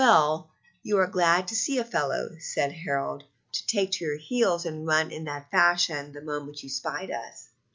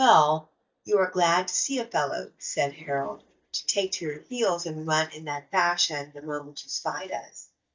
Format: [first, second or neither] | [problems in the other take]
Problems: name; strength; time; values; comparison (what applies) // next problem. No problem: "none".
first | noise reduction (neural mask model DeepFilterNet 3)